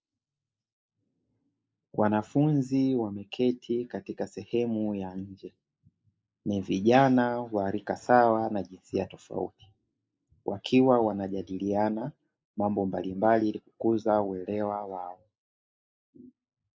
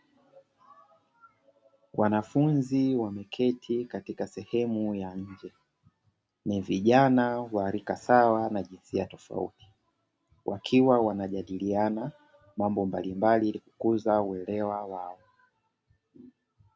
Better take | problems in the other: second | noise reduction (neural mask model Resemble Enhance denoiser)

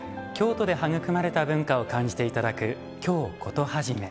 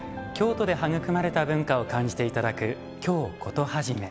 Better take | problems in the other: first | background sound (Boom); 20 dB below the speech

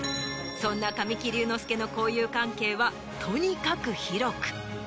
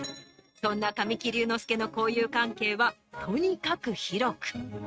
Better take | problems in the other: first | noise reduction (neural mask model RNNoise)

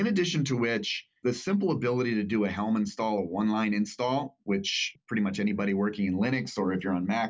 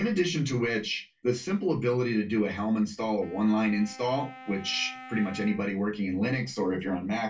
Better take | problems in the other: first | background sound (Wind instrument, woodwind instrument); 19 dB below the speech // room echo; dies away in 0.2 s

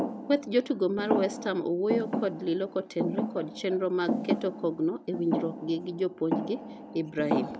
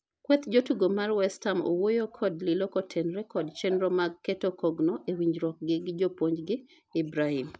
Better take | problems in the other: second | background sound (Thump, thud); 4 dB below the speech

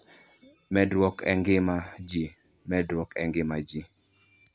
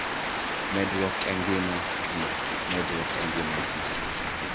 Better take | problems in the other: first | background sound (Rain); 4 dB above the speech

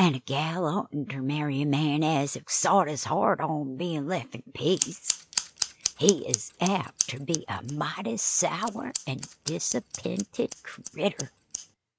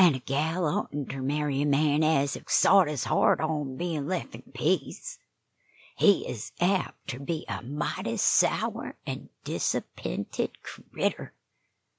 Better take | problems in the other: second | noise reduction (neural mask model RNNoise)

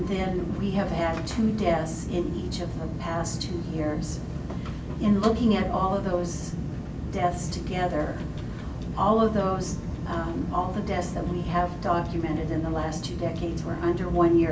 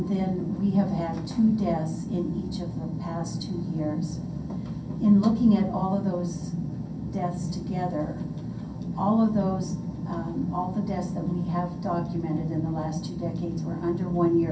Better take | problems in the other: first | room echo; dies away in 0.3 s

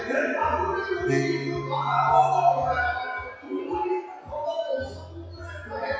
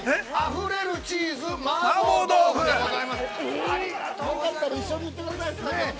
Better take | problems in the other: second | noise reduction (classical method WPE with log-MMSE)

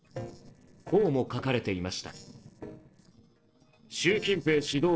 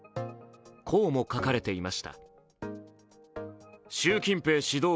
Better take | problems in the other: second | noise reduction (neural separator model SepFormer DNS4)

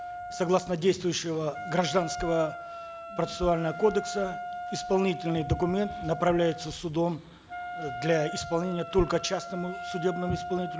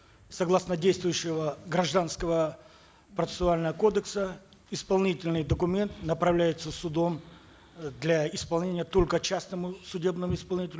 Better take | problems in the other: second | background sound (Wind instrument, woodwind instrument); 9 dB below the speech

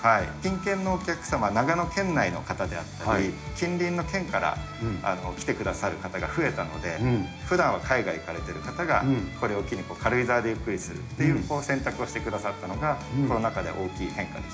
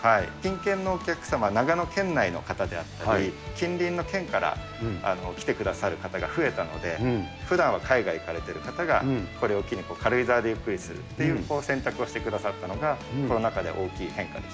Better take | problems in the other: second | room echo; dies away in 0.4 s

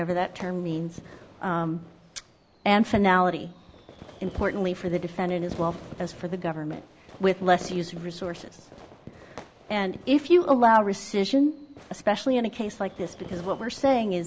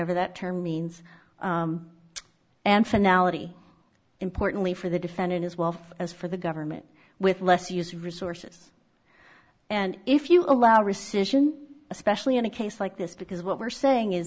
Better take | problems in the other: second | background sound (Fireworks); 19 dB below the speech

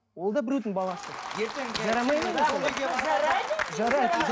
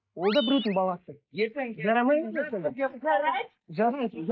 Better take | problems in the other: first | noise reduction (neural mask model Resemble Enhance denoiser)

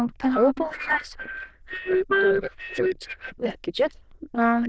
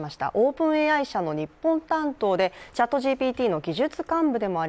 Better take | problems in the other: second | noise reduction (neural diffusion model UNIVERSE++)

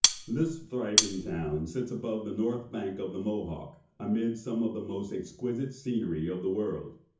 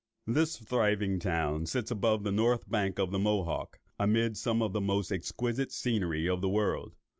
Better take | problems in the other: second | background sound (Cutlery, silverware); 4 dB above the speech // room echo; dies away in 0.6 s

